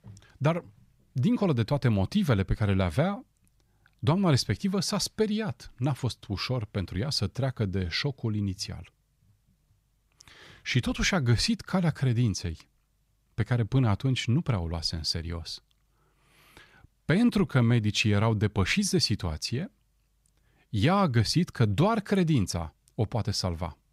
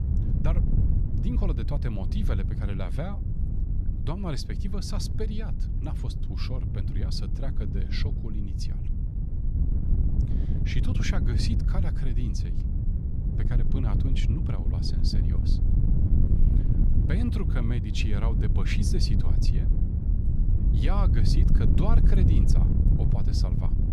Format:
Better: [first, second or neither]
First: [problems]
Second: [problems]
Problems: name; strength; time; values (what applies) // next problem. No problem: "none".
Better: first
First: none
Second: wind noise on the microphone; heavy; 2 dB below the speech